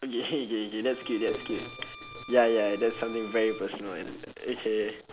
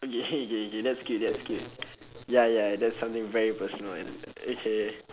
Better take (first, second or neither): second